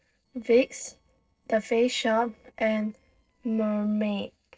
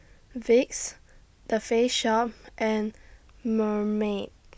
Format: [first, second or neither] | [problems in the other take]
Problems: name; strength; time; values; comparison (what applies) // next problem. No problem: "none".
second | noise reduction (neural separator model SepFormer DNS4)